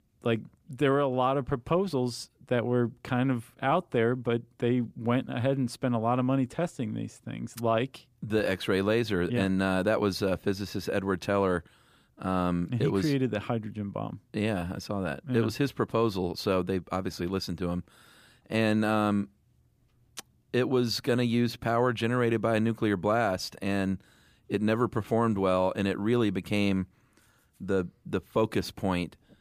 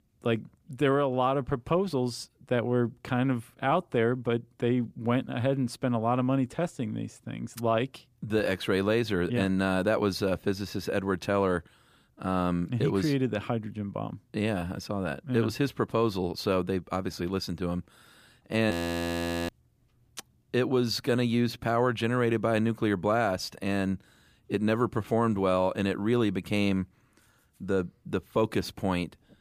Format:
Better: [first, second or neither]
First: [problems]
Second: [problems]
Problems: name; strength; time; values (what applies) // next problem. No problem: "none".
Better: first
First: none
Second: audio freezing; at 19 s for 1 s